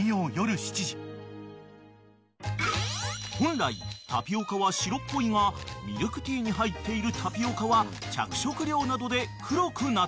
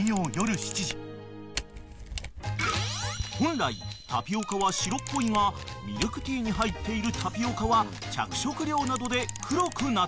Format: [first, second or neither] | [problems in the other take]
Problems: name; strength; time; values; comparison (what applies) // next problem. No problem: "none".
first | background sound (Camera); 11 dB below the speech